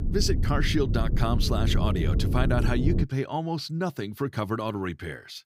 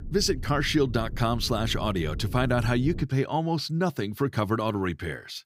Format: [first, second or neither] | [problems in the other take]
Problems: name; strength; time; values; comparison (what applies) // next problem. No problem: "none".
second | low rumble; loud; until 3 s; 8 dB below the speech; faint in the second